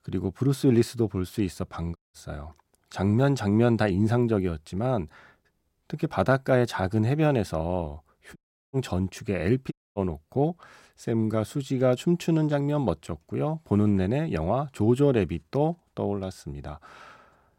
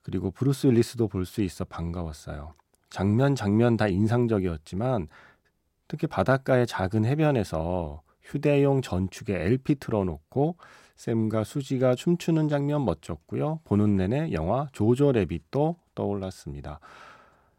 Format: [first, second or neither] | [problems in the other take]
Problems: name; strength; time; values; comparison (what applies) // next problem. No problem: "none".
second | audio cutting out; at 2 s, at 8.5 s and at 9.5 s